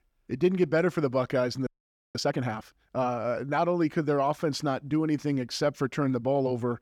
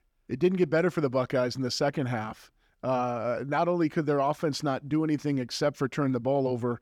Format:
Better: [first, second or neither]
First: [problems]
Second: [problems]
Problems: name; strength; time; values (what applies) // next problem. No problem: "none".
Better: second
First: audio freezing; at 1.5 s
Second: none